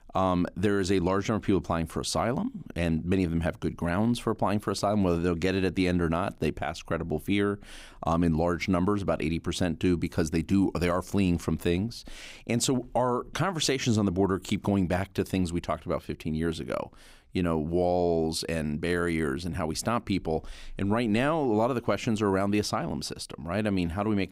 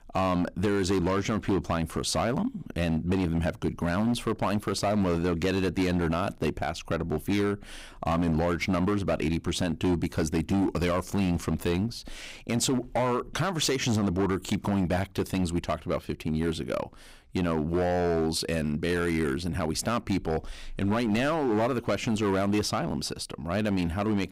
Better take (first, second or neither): first